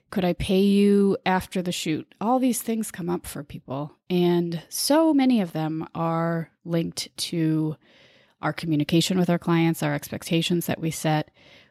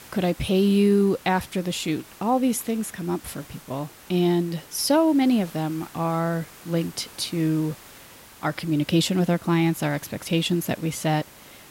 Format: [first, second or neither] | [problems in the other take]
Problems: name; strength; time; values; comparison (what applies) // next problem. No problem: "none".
first | hiss; faint; throughout; 20 dB below the speech